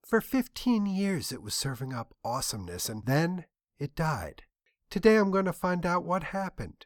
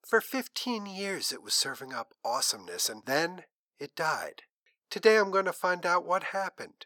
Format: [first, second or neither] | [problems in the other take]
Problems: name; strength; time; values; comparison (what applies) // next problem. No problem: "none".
first | thin; somewhat; fading below 450 Hz